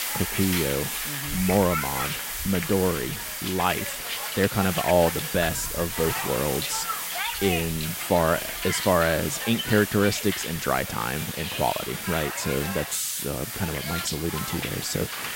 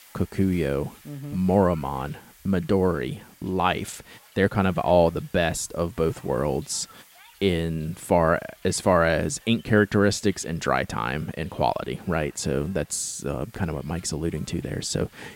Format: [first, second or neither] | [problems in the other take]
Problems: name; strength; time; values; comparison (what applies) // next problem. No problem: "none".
second | hiss; loud; throughout; 3 dB below the speech; faint in the second